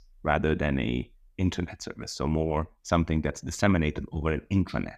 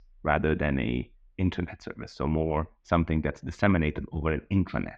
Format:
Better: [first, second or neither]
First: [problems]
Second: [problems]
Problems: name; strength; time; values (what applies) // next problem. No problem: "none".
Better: first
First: none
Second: muffled; slightly; fading above 2.5 kHz